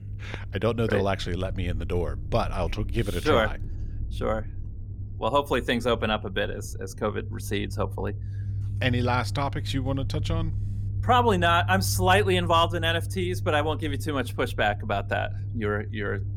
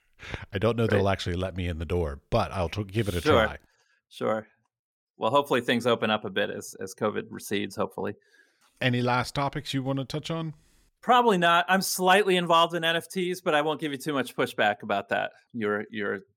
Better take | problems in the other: second | low rumble; faint; throughout; 20 dB below the speech

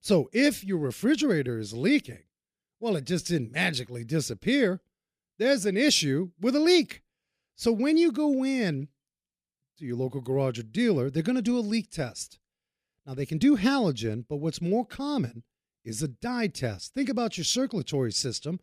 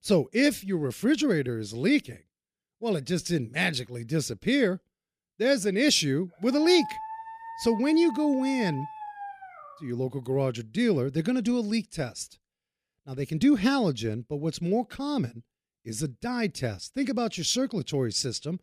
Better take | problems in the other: first | dog barking; noticeable; from 6.5 to 10 s; peak 9 dB below the speech

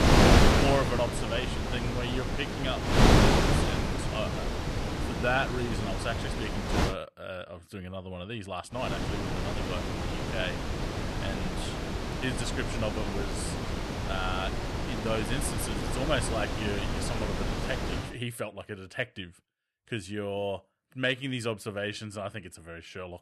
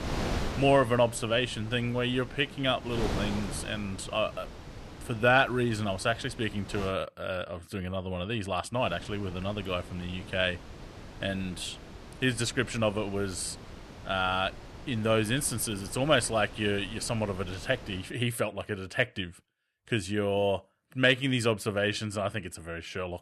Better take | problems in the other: second | wind noise on the microphone; heavy; until 7 s and from 9 to 18 s; 3 dB above the speech; occasional gusts in the second

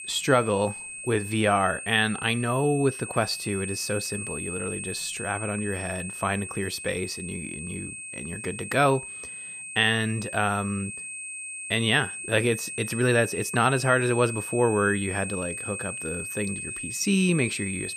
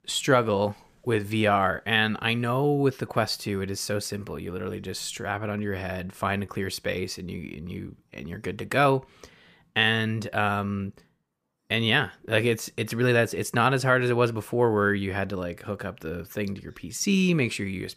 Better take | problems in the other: second | high-pitched whine; loud; throughout; 2.5 kHz, 8 dB below the speech

